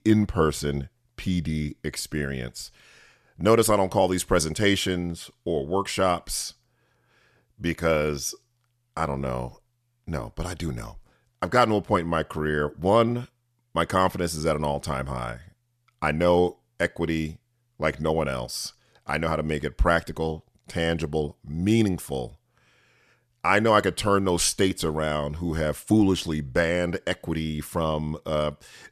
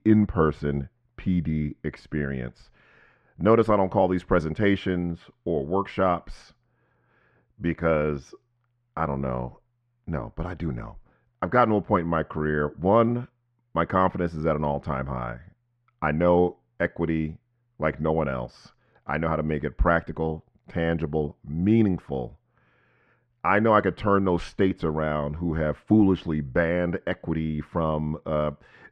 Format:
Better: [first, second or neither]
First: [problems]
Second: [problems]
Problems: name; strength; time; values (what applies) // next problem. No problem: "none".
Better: first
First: none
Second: muffled; very; fading above 1.5 kHz